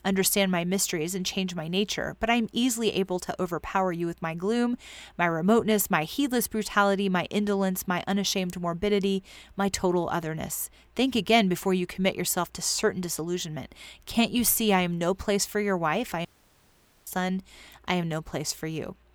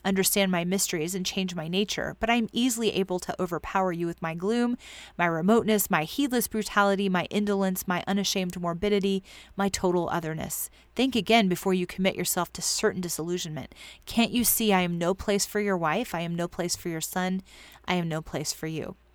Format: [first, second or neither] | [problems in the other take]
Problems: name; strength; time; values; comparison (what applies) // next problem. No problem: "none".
second | audio cutting out; at 16 s for 1 s